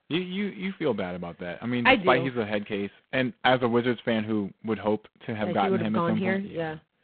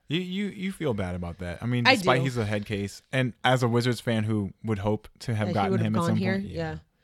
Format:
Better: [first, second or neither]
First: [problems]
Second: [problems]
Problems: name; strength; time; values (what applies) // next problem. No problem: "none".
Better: second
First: phone-call audio; poor line; nothing above 3.5 kHz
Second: none